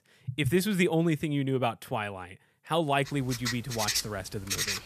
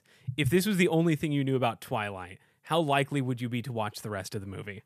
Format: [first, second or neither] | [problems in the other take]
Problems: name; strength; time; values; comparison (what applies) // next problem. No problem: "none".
second | household noises; loud; from 3 s on; 2 dB below the speech